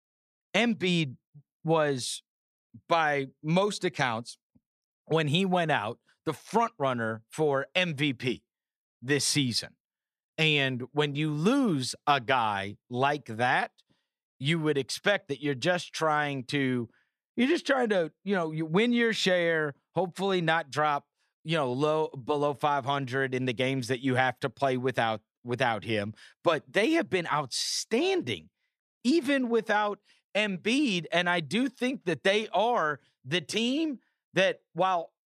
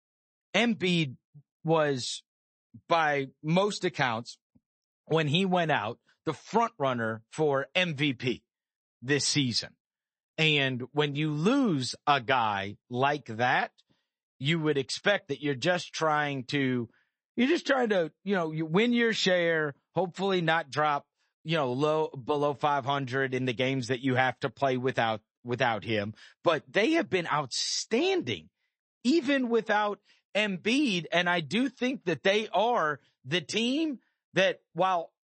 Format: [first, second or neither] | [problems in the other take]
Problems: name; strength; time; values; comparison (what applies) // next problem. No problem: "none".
first | garbled, watery; slightly; nothing above 8 kHz